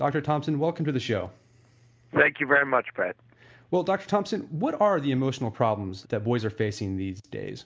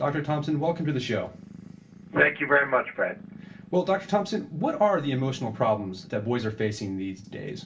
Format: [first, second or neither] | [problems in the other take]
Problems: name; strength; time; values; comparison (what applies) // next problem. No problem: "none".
first | background sound (Purr); 20 dB below the speech // room echo; dies away in 0.2 s